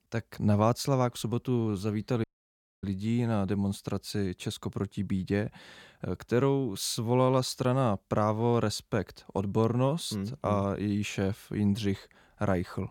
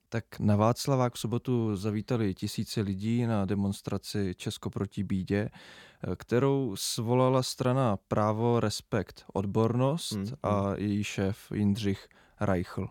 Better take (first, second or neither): second